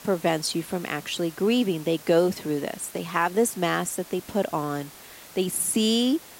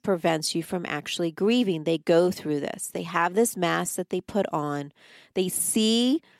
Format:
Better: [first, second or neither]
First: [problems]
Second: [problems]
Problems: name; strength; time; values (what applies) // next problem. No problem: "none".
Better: second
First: hiss; noticeable; throughout; 20 dB below the speech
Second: none